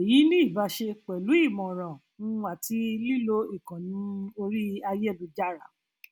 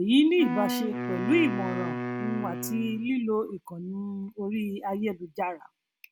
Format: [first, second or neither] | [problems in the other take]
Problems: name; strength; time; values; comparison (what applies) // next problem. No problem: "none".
first | background sound (Wind instrument, woodwind instrument); 5 dB below the speech